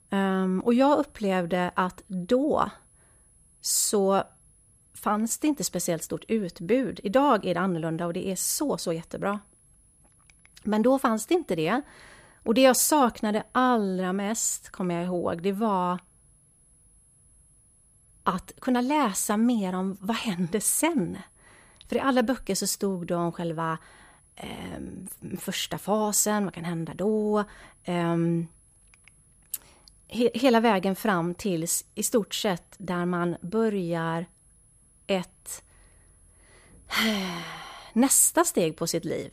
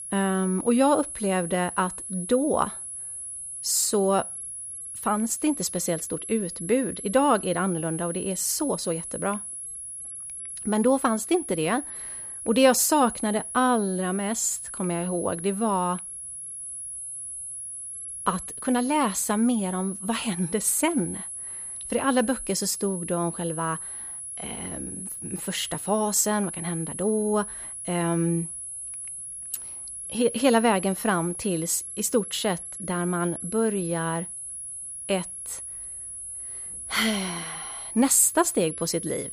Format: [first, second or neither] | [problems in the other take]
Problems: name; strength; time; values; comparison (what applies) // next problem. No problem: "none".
first | high-pitched whine; loud; throughout; 10.5 kHz, 8 dB below the speech; faint in the first